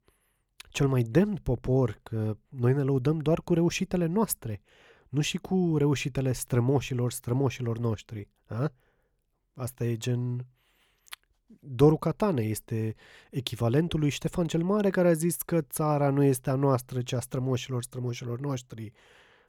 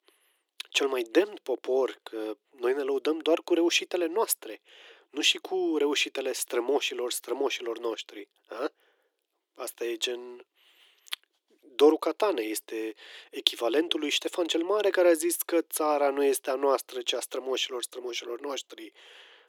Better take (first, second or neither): first